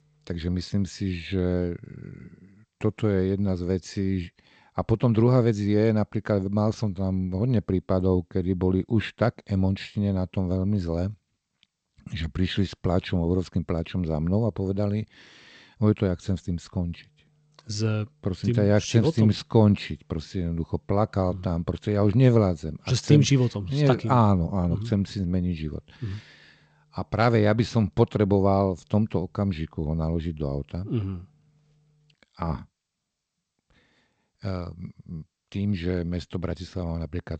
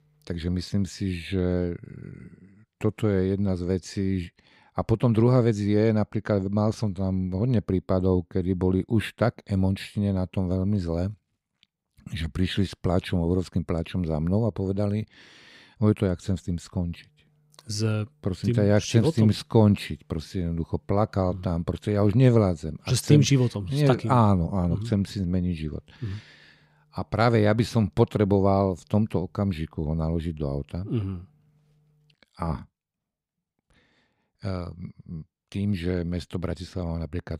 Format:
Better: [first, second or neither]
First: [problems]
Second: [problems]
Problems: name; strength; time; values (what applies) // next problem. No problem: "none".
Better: second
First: garbled, watery; slightly; nothing above 7.5 kHz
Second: none